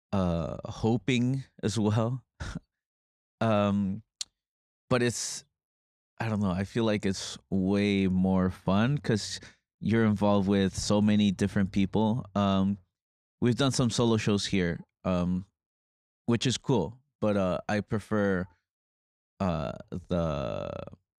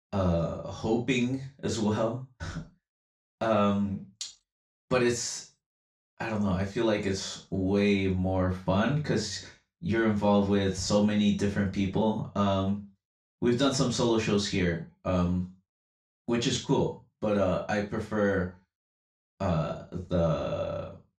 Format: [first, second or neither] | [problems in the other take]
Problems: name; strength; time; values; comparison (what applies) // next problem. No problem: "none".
first | room echo; slight; dies away in 0.3 s // off-mic speech; far